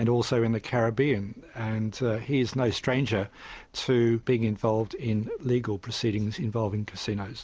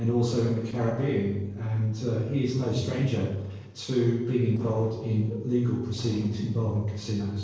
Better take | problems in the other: first | noise reduction (neural separator model SepFormer DNS4)

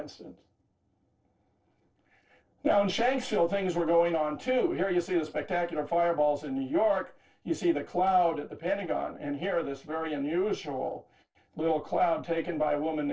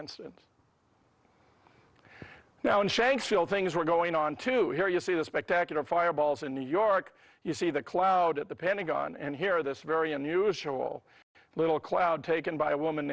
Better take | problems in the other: second | noise reduction (neural separator model SepFormer DNS4)

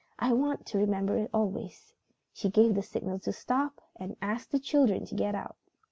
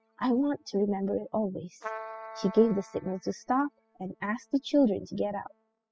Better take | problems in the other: first | noise reduction (classical method spectral subtraction)

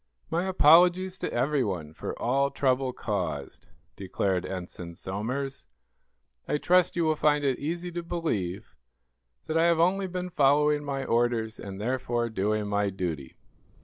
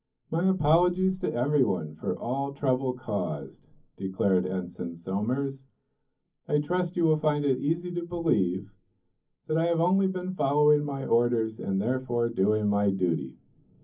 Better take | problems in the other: first | room echo; dies away in 0.3 s

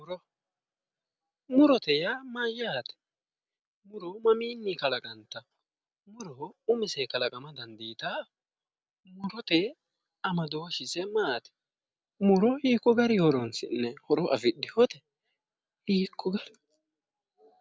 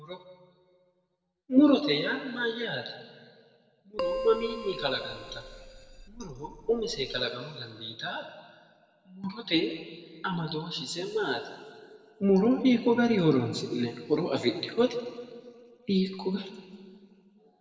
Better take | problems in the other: first | background sound (Keyboard (musical)); 9 dB below the speech // room echo; dies away in 1.7 s

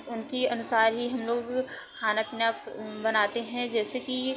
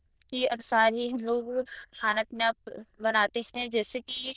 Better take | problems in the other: first | noise reduction (neural diffusion model UNIVERSE++)

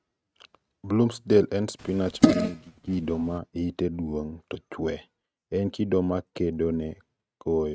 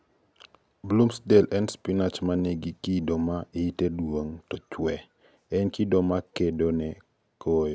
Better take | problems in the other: second | noise reduction (neural mask model RNNoise)

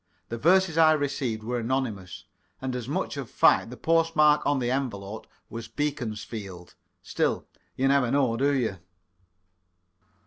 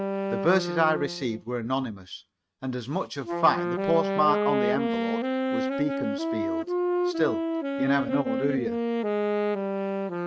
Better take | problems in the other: first | noise reduction (neural mask model RNNoise)

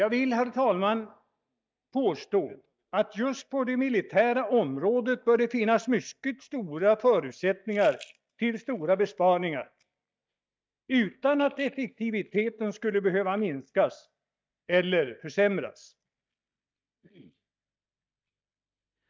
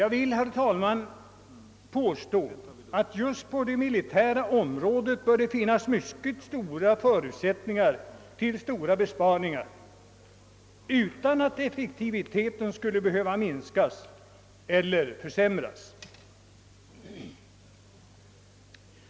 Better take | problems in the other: second | noise reduction (neural mask model DeepFilterNet 3)

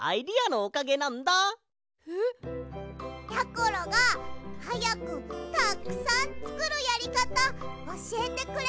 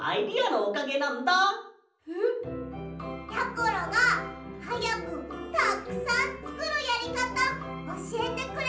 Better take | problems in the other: first | room echo; dies away in 0.6 s

